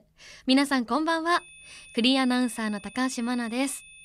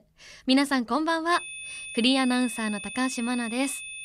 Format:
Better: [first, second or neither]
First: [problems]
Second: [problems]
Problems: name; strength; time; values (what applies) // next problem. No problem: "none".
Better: first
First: high-pitched whine; faint; from 1.5 s on; 2.5 kHz, 20 dB below the speech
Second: high-pitched whine; loud; from 1.5 s on; 2.5 kHz, 10 dB below the speech